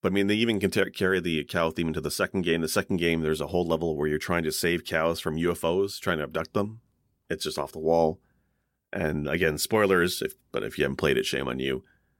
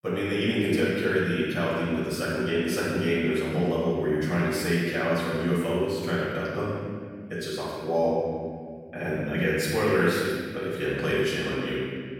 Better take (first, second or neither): first